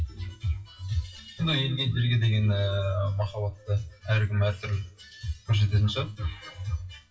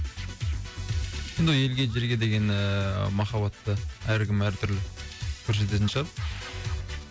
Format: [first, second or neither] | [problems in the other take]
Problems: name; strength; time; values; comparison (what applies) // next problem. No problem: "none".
second | noise reduction (classical method WPE with log-MMSE)